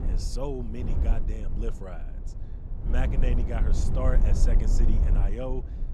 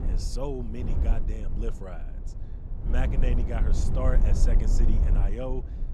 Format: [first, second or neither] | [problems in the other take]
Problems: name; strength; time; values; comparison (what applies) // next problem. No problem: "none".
neither | low rumble; loud; throughout; 5 dB below the speech; the same in both